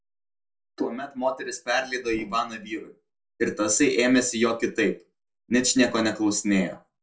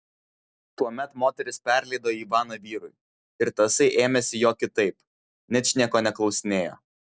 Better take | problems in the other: second | background sound (Whoosh, swoosh, swish); 16 dB below the speech // room echo; dies away in 0.2 s

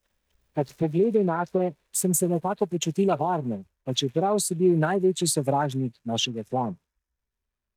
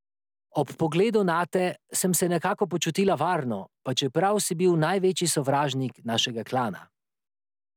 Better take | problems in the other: second | noise reduction (neural mask model DeepFilterNet 3)

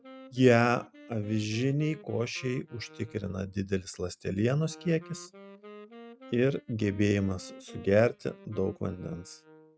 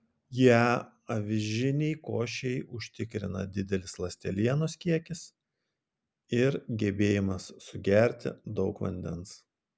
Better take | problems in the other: second | noise reduction (neural mask model RNNoise)

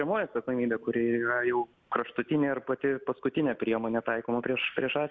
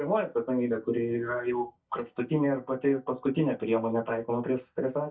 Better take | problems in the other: first | noise reduction (neural mask model DeepFilterNet 3)

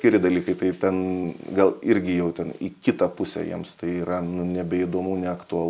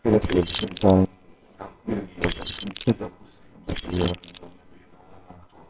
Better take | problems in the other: first | noise reduction (neural separator model SepFormer WHAMR!)

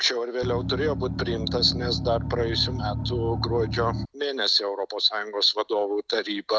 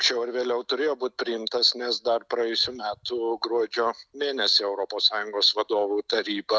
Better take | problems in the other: second | background sound (Engine); 3 dB below the speech

